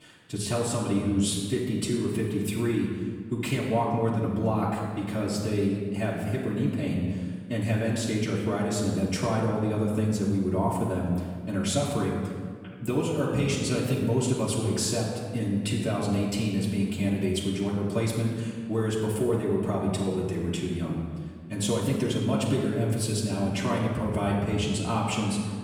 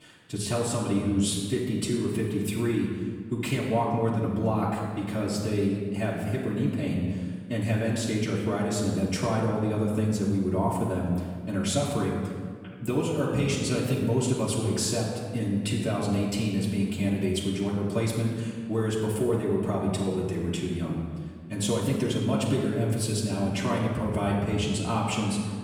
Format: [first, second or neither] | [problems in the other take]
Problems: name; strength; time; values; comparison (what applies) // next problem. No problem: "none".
neither | off-mic speech; far; the same in both // room echo; noticeable; dies away in 1.4 s; the same in both